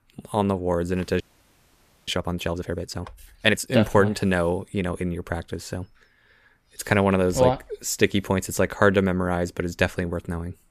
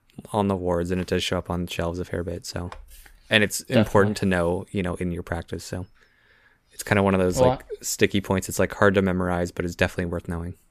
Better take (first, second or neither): second